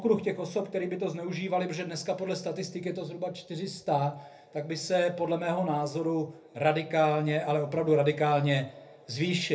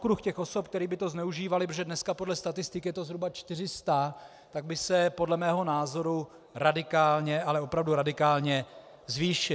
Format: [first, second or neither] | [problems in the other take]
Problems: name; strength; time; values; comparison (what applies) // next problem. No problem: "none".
second | room echo; dies away in 0.3 s